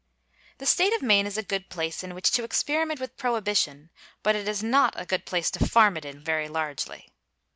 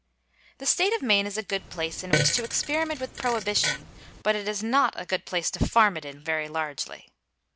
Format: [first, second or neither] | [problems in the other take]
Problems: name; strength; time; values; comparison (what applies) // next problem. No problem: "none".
first | background sound (Fart); 4 dB below the speech